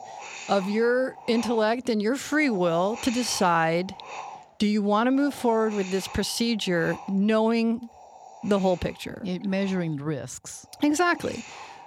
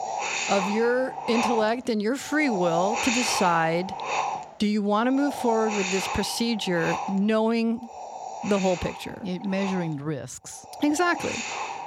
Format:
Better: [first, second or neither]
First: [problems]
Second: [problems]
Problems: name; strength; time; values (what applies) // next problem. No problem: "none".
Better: first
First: wind noise on the microphone; occasional gusts; 15 dB below the speech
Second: wind noise on the microphone; heavy; 3 dB below the speech